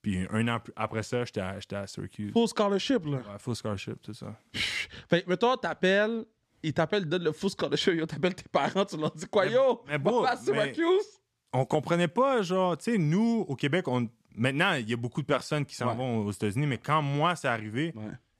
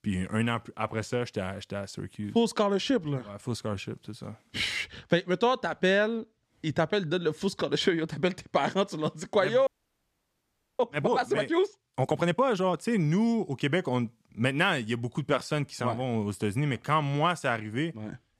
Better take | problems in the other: first | audio freezing; at 9.5 s for 1 s

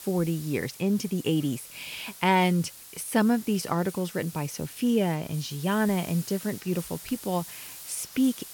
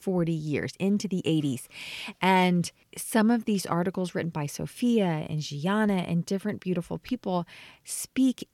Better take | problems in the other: second | hiss; noticeable; throughout; 15 dB below the speech

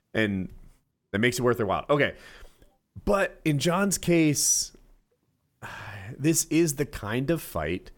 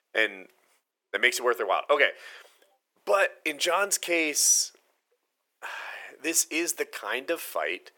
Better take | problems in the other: first | thin; very; fading below 450 Hz

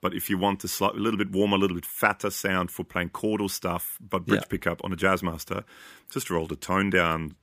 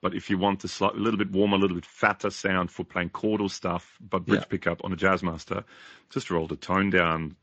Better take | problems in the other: first | garbled, watery; slightly; nothing above 7.5 kHz

